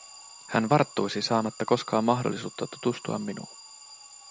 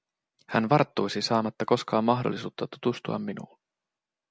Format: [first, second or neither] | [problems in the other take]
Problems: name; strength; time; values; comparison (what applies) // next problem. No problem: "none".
second | background sound (Alarm); 19 dB below the speech